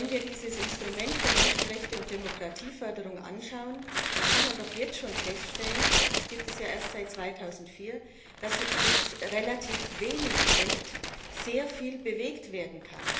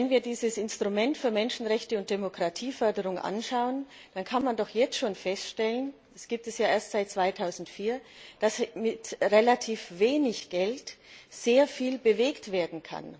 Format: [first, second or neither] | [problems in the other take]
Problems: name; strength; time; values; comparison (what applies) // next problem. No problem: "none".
second | background sound (Tearing); 5 dB above the speech // room echo; dies away in 1 s